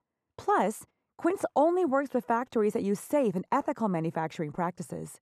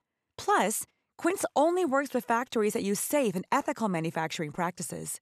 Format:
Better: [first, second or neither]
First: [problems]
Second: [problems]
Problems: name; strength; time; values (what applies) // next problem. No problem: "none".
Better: second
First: muffled; slightly; fading above 2 kHz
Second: none